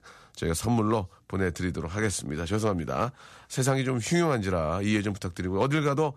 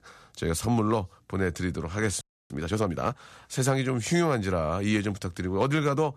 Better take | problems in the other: first | audio freezing; at 2 s

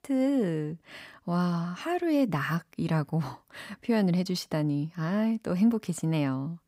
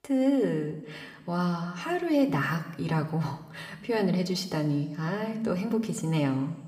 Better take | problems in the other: first | room echo; slight; dies away in 1.2 s

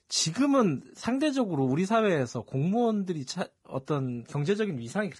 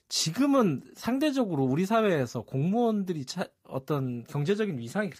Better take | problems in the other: second | garbled, watery; badly; nothing above 10.5 kHz; slightly in the second

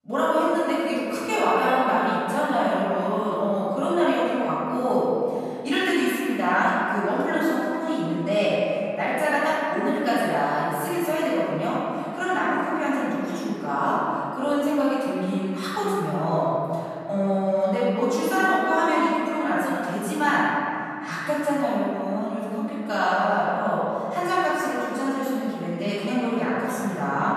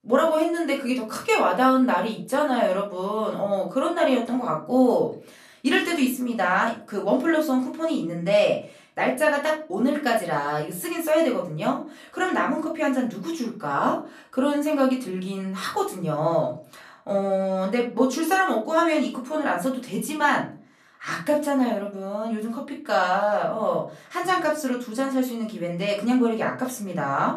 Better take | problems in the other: second | room echo; strong; dies away in 2.3 s; slight in the second // off-mic speech; far; far in the second

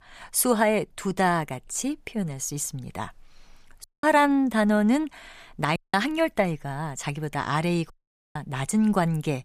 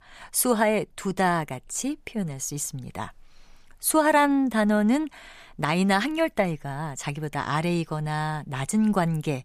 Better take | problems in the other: second | audio cutting out; at 4 s, at 6 s and at 8 s

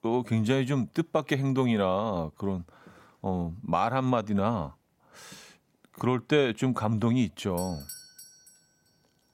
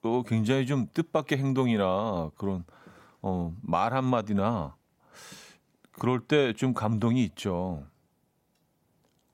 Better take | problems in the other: second | doorbell; faint; at 7.5 s; peak 10 dB below the speech

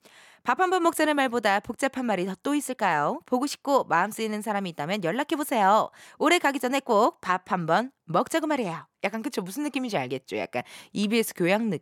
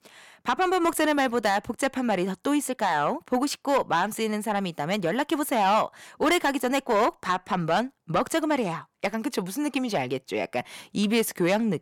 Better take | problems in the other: first | distortion; slight; 10 dB below the speech

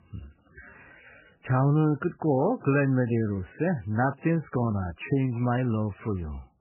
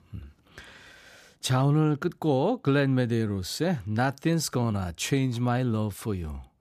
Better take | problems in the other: second | garbled, watery; badly; nothing above 2.5 kHz

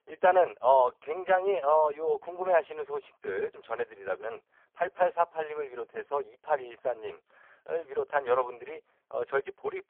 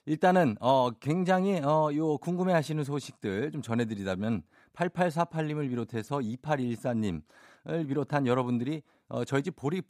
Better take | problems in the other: second | phone-call audio; poor line

